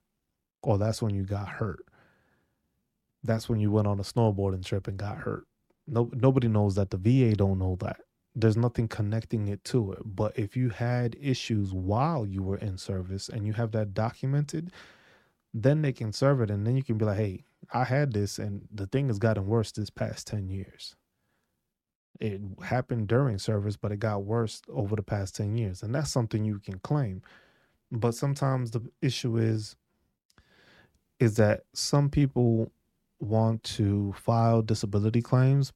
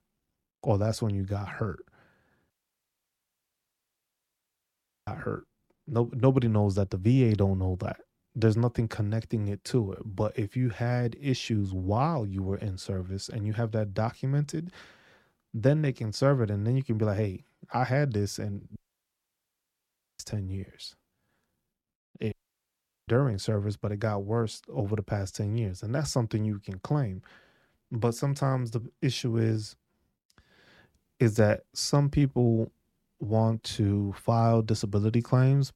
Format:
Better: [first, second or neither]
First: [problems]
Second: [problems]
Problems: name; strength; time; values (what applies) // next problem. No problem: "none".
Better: first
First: none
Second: audio cutting out; at 2.5 s for 2.5 s, at 19 s for 1.5 s and at 22 s for 1 s